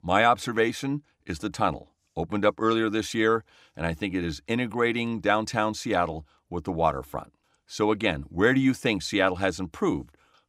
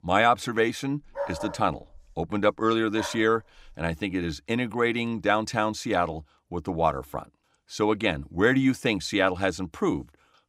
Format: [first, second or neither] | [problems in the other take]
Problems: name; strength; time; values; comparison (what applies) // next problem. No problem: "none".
first | dog barking; noticeable; from 1 to 3.5 s; peak 7 dB below the speech